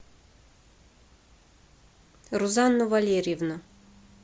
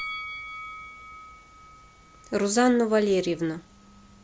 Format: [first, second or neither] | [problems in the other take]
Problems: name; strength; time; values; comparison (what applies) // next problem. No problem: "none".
first | background sound (Bell); 15 dB below the speech